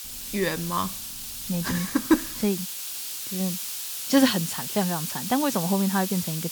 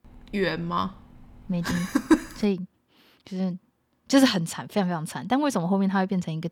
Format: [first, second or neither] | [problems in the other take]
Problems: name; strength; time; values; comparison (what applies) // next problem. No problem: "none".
second | hiss; loud; throughout; 5 dB below the speech